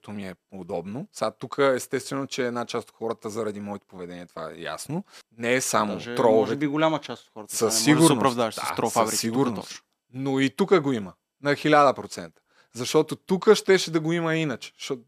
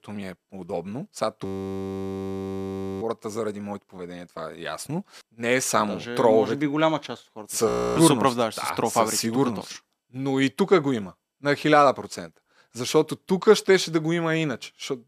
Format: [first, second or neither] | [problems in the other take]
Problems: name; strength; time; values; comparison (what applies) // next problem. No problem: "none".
first | audio freezing; at 1.5 s for 1.5 s and at 7.5 s